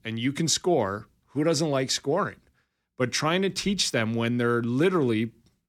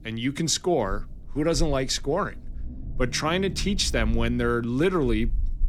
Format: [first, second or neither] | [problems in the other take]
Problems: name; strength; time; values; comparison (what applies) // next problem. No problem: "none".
first | low rumble; faint; throughout; 25 dB below the speech